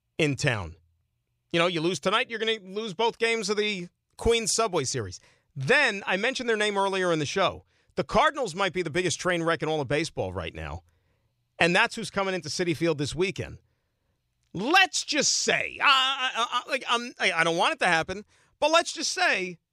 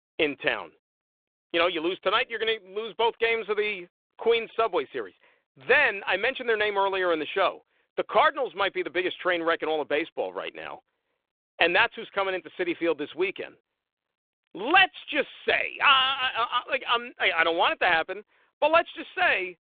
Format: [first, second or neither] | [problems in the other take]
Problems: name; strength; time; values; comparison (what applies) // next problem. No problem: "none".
first | phone-call audio